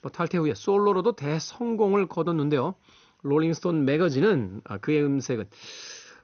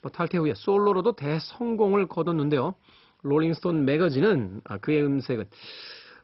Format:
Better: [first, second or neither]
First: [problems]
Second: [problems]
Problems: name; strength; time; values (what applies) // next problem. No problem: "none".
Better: first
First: garbled, watery; slightly; nothing above 6.5 kHz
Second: garbled, watery; badly; nothing above 5.5 kHz